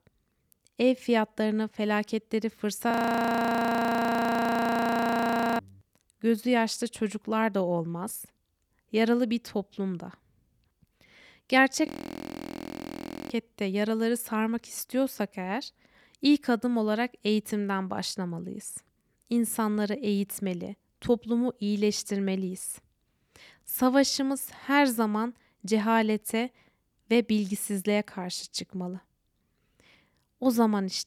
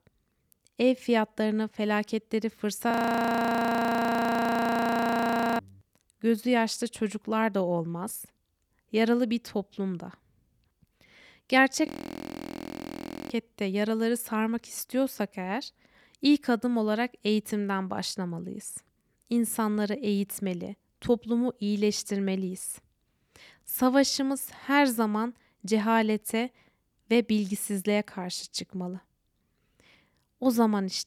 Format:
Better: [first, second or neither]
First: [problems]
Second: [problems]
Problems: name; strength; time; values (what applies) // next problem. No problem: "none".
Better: neither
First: audio freezing; at 3 s for 2.5 s and at 12 s for 1.5 s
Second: audio freezing; at 3 s for 2.5 s and at 12 s for 1.5 s